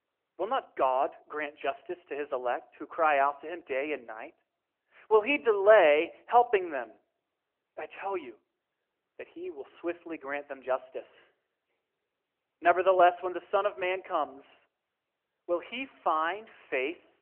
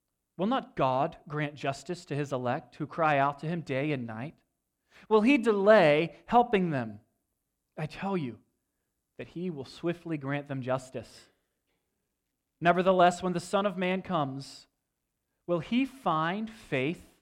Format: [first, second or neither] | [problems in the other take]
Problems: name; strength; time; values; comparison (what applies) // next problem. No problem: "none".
second | phone-call audio; nothing above 3 kHz